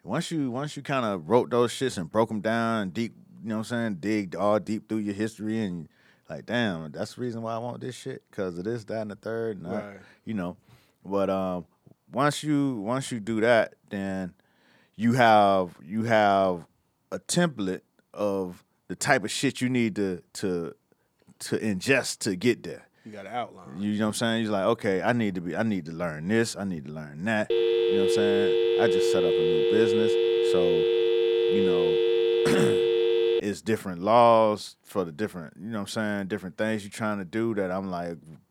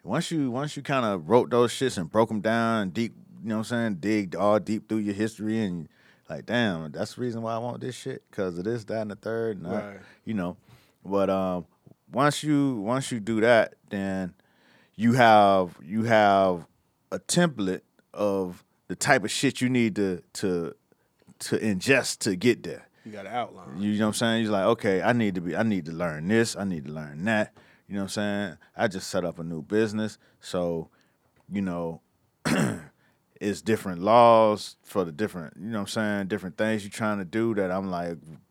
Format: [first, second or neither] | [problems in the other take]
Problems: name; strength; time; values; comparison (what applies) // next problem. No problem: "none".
second | phone ringing; loud; from 28 to 33 s; peak 4 dB above the speech